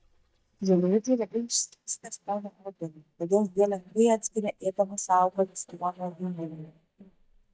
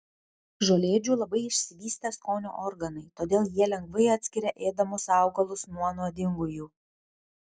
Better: second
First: noise reduction (neural mask model DeepFilterNet 3)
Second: none

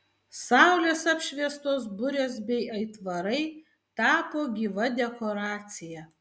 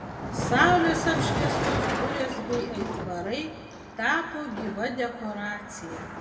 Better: first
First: none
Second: background sound (Car passing by); 2 dB below the speech // room echo; dies away in 1.7 s

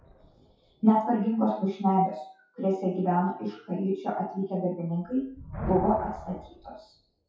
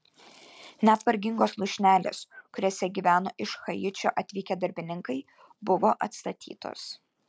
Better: second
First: noise reduction (classical method WPE with log-MMSE)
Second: none

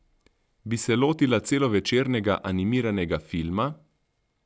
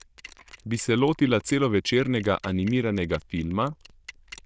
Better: first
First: none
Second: noise reduction (neural diffusion model UNIVERSE++)

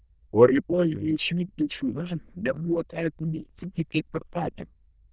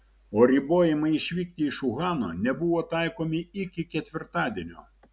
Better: second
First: noise reduction (neural diffusion model UNIVERSE++)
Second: none

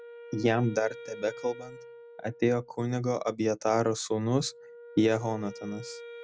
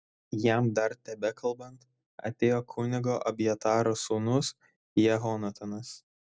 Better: second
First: background sound (Wind instrument, woodwind instrument); 17 dB below the speech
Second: none

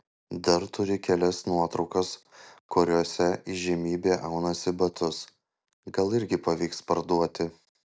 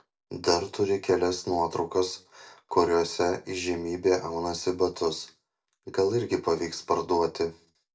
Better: first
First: none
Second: room echo; dies away in 0.2 s

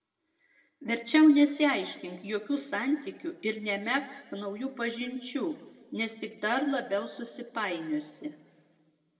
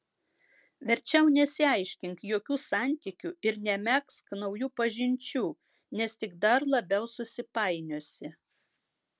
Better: second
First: room echo; dies away in 1.2 s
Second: none

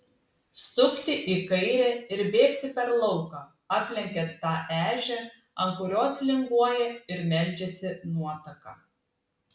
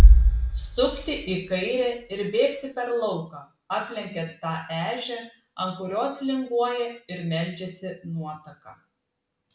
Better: first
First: none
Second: background sound (Bass drum); 4 dB above the speech

